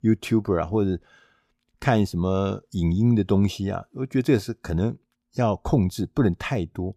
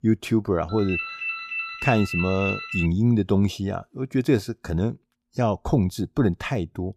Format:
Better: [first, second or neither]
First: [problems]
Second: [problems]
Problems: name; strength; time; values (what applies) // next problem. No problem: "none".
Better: first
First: none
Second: phone ringing; noticeable; from 0.5 to 3 s; peak 3 dB below the speech